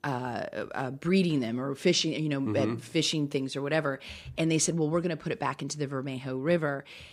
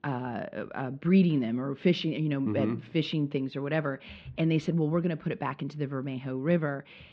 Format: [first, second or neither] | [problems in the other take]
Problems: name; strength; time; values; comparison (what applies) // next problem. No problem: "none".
first | muffled; very; fading above 3.5 kHz